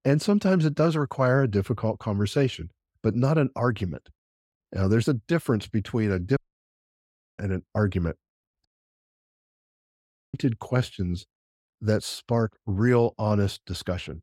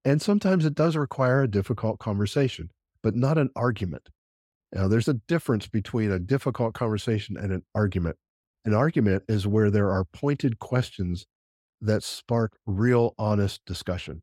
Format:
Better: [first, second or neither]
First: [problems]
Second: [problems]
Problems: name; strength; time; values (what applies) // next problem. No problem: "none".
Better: second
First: audio cutting out; at 6.5 s for 1 s and at 8.5 s for 1.5 s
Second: none